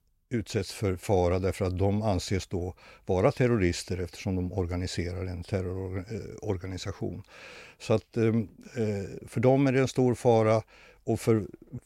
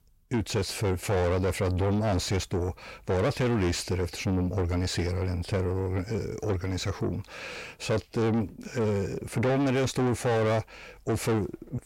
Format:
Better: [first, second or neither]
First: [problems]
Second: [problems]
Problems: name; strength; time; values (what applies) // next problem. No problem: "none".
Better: first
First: none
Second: distortion; heavy; 6 dB below the speech